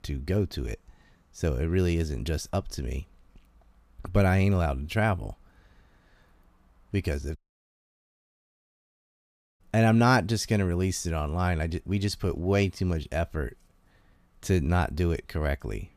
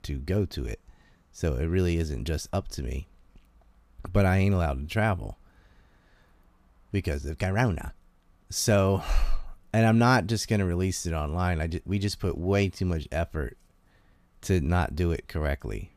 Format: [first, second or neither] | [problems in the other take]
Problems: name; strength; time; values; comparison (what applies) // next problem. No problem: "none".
second | audio cutting out; at 7.5 s for 2 s